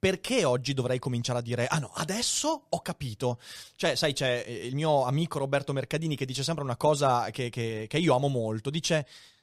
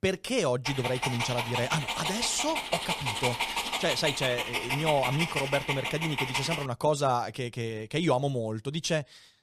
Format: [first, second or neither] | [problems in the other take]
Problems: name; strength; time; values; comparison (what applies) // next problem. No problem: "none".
first | dog barking; loud; from 0.5 to 6.5 s; peak 1 dB above the speech